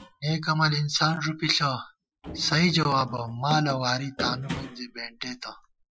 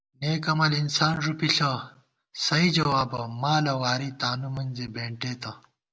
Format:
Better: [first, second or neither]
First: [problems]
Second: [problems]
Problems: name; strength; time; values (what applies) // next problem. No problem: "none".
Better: second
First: noise reduction (classical method Wiener filter)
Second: none